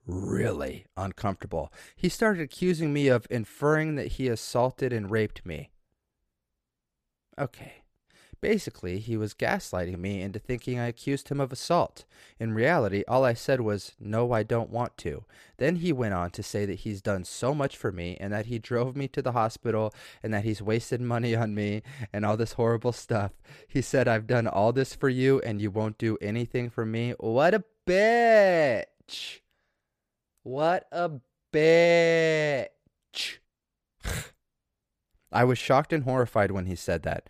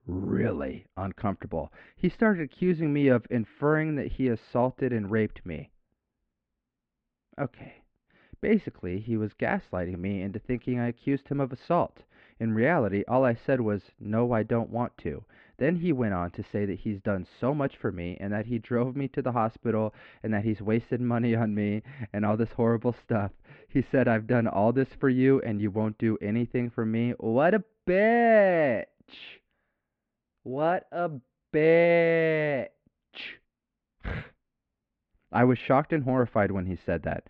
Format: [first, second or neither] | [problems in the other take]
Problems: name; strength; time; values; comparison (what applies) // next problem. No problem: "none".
first | muffled; very; fading above 3 kHz